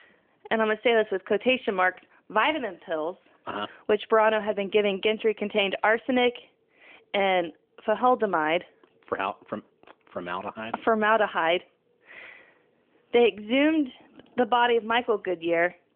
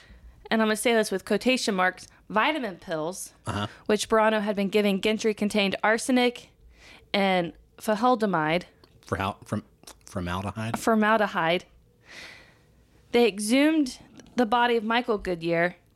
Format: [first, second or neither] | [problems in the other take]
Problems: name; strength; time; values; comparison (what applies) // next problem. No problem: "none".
second | phone-call audio; nothing above 3 kHz